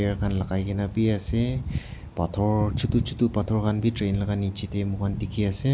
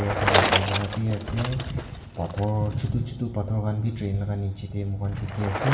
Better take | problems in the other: first | background sound (Bicycle); 3 dB below the speech // room echo; dies away in 2.3 s

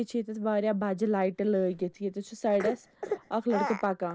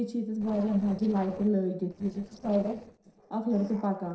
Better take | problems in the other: first | noise reduction (neural separator model SepFormer DNS4)

